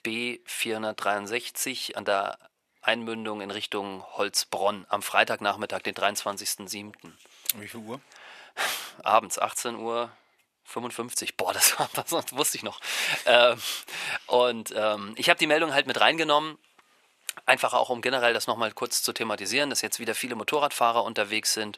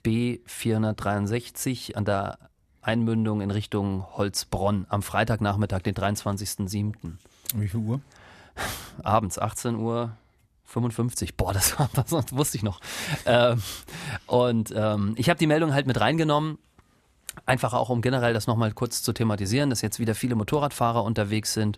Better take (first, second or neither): second